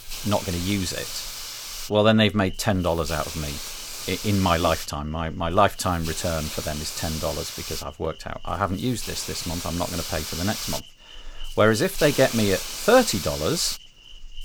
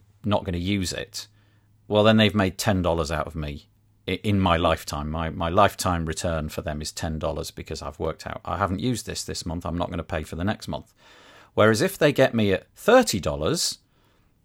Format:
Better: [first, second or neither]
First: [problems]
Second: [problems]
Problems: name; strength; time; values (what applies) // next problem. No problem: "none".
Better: second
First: hiss; loud; throughout; 8 dB below the speech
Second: none